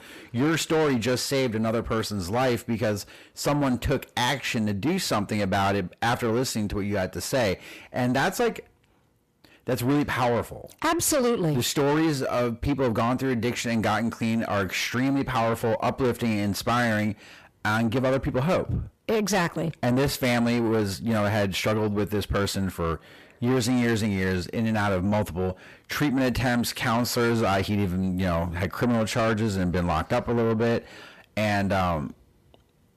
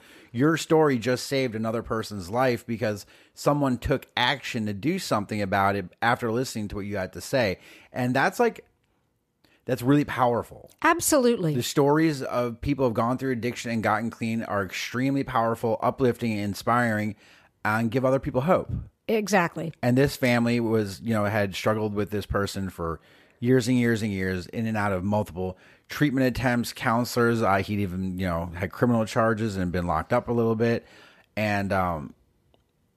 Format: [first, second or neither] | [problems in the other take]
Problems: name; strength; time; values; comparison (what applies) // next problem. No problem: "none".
second | distortion; heavy; 8 dB below the speech